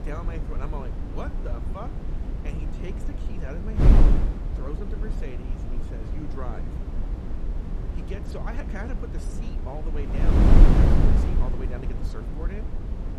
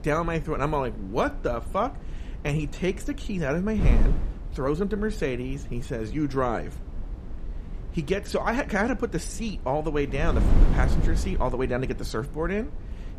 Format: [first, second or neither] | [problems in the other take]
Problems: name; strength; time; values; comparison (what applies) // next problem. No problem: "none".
second | wind noise on the microphone; heavy; 4 dB above the speech; occasional gusts in the second